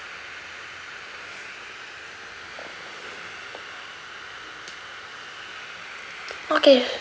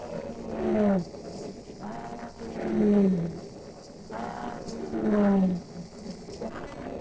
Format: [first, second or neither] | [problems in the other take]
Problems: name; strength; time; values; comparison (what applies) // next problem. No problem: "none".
first | noise reduction (neural separator model SepFormer DNS4)